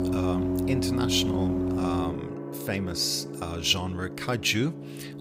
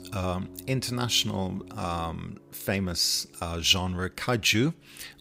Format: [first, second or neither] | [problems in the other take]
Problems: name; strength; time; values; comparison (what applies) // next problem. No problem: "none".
second | background music; loud; throughout; 2 dB below the speech; faint in the second